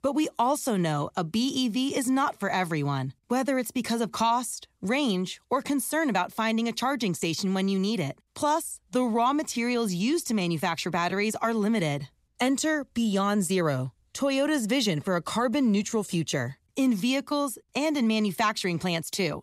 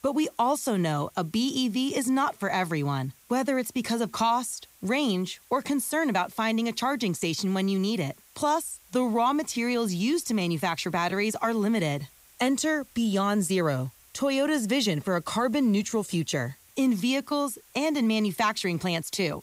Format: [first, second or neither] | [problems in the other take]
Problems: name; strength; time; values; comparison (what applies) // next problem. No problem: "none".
first | hiss; faint; throughout; 25 dB below the speech